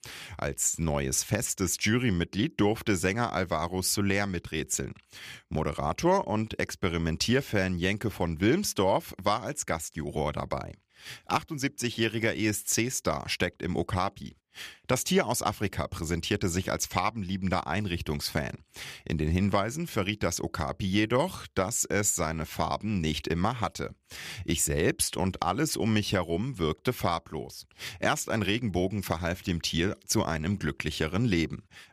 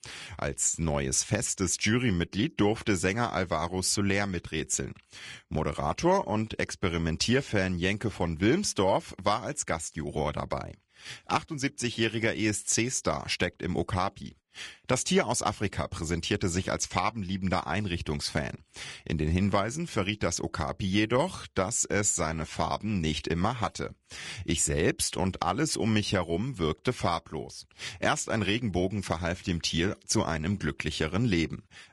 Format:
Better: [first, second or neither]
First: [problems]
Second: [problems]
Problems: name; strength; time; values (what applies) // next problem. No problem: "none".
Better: first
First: none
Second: garbled, watery; slightly; nothing above 10.5 kHz